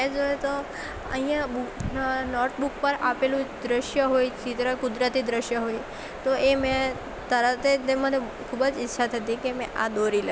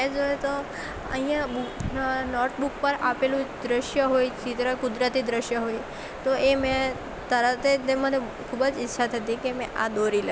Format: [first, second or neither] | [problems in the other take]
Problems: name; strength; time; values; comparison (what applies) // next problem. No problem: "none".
first | background sound (Traffic noise, roadway noise / Vehicle horn, car horn, honking); 19 dB below the speech